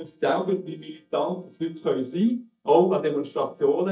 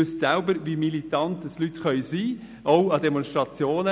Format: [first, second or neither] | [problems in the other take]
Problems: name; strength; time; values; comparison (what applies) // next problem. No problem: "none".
second | noise reduction (neural mask model DeepFilterNet 3)